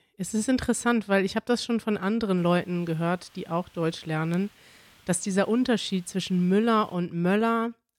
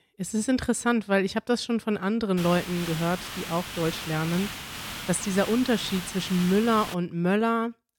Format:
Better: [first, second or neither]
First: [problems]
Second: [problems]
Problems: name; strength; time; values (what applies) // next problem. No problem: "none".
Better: first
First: hiss; faint; from 2.5 to 7 s; 30 dB below the speech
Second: hiss; loud; from 2.5 to 7 s; 9 dB below the speech